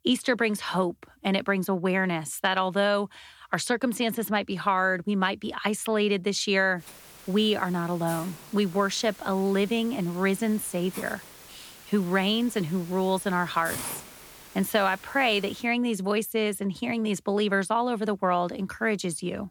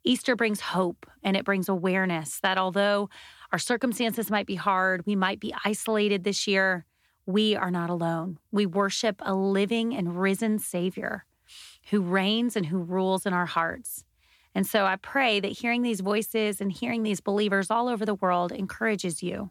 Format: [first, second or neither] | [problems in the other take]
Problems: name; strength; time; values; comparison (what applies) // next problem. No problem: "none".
second | hiss; noticeable; from 7 to 16 s; 15 dB below the speech